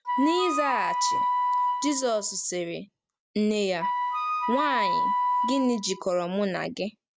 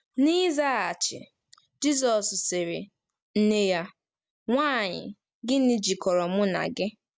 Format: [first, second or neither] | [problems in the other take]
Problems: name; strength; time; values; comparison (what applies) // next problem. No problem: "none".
second | background sound (Wind instrument, woodwind instrument); 2 dB above the speech